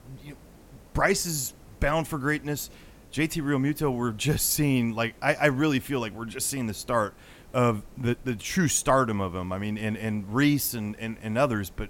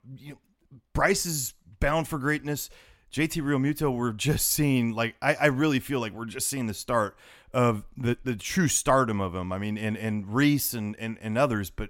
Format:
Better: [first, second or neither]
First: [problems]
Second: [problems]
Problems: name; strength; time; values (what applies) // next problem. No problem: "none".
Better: second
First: hiss; faint; throughout; 25 dB below the speech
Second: none